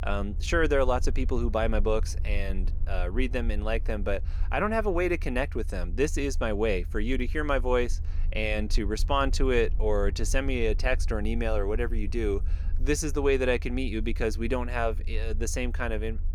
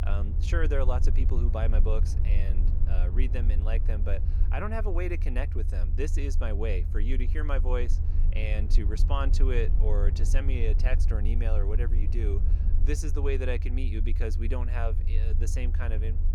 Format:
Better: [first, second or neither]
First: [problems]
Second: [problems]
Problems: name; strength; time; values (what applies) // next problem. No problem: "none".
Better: first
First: low rumble; faint; throughout; 25 dB below the speech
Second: low rumble; loud; throughout; 10 dB below the speech